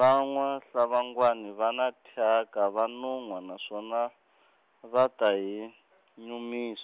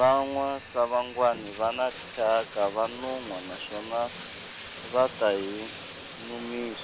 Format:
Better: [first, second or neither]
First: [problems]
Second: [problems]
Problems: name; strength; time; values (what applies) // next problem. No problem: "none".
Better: first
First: none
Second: background sound (Bathtub (filling or washing)); 14 dB below the speech